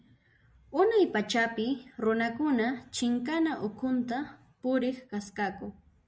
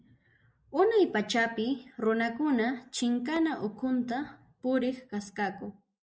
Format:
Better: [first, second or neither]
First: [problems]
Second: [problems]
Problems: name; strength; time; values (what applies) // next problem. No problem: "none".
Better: first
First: none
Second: noise reduction (neural mask model Resemble Enhance denoiser)